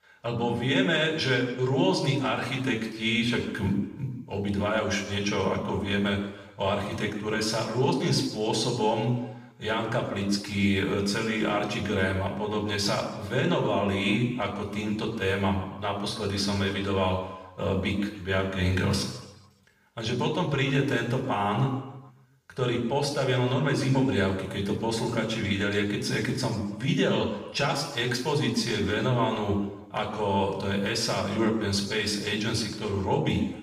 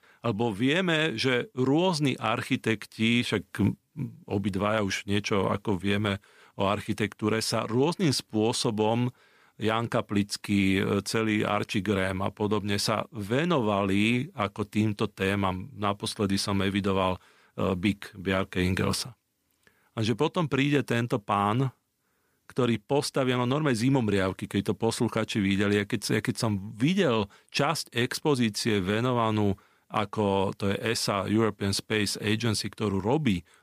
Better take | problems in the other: second | room echo; noticeable; dies away in 1 s // off-mic speech; far

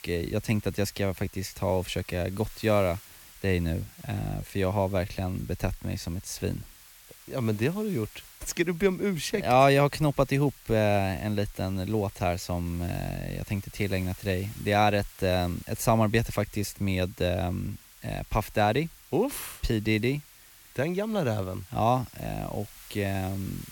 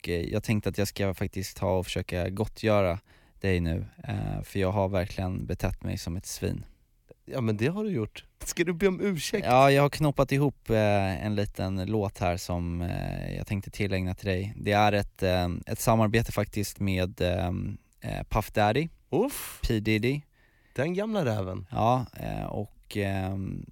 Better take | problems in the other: second | hiss; faint; throughout; 20 dB below the speech

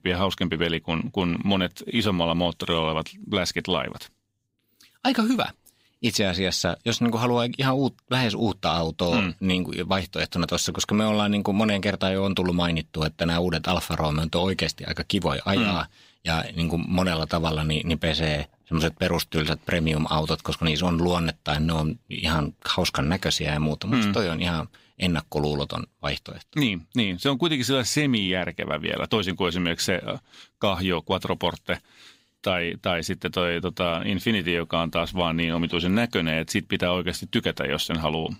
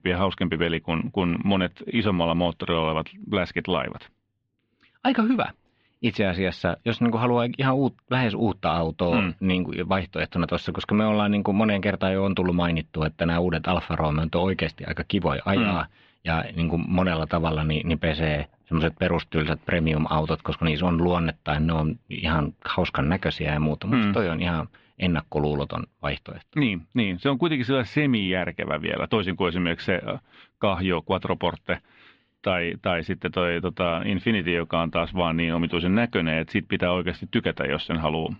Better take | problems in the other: first | muffled; very; fading above 3 kHz

